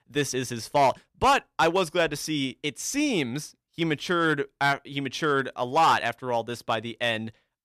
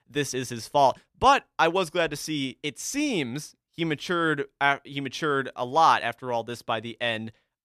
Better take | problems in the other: second | distortion; slight; 2% of the sound clipped

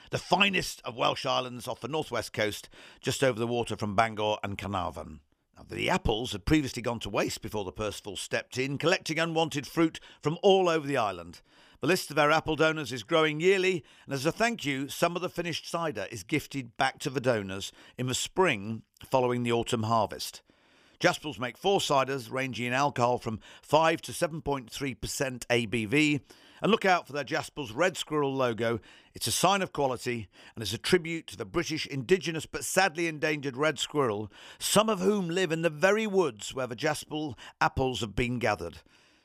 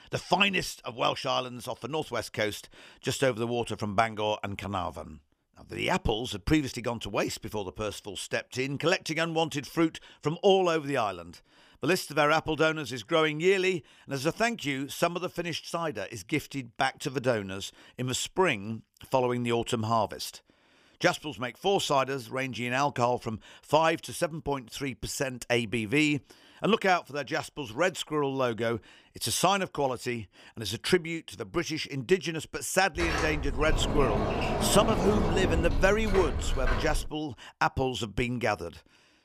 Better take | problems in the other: first | door banging; loud; from 33 to 37 s; peak level with the speech

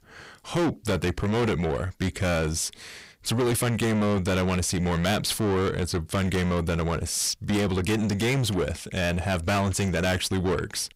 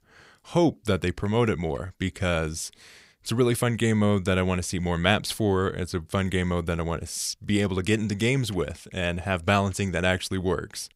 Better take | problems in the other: second | distortion; heavy; 6 dB below the speech

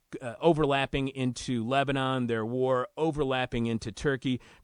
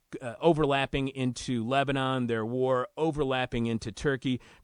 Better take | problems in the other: neither | none

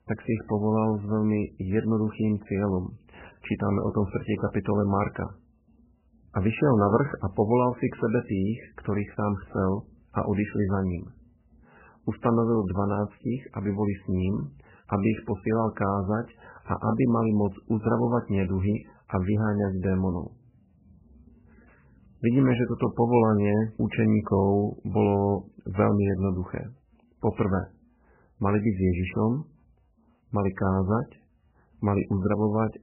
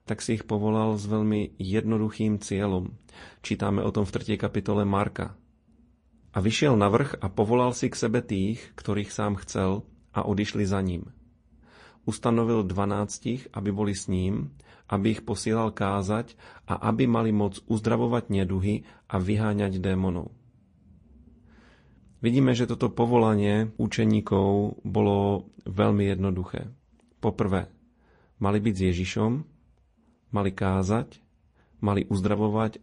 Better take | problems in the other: second | garbled, watery; badly; nothing above 3 kHz; slightly in the second

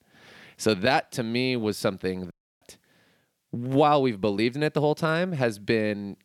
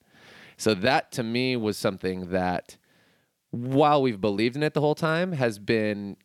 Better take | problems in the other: second | audio cutting out; at 2.5 s

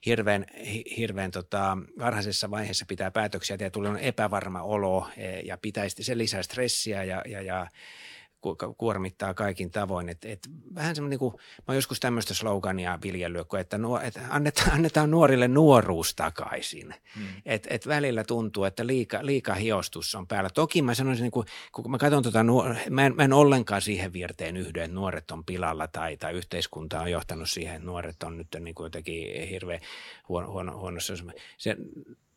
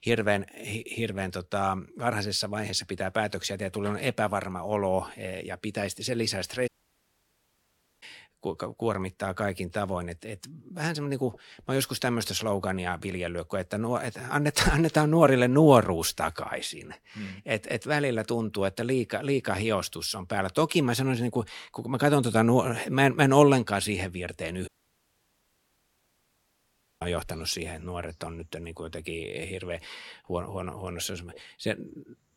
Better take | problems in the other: first | audio cutting out; at 6.5 s for 1.5 s and at 25 s for 2.5 s

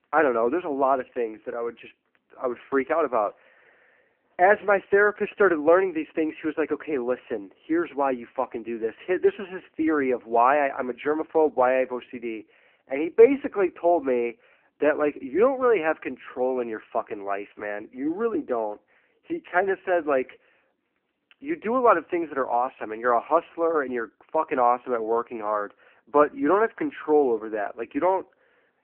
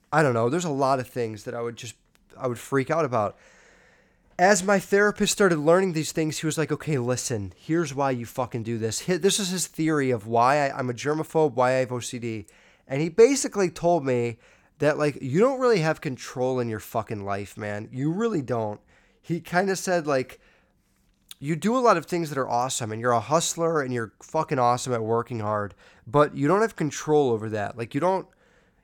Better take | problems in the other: second | phone-call audio; poor line

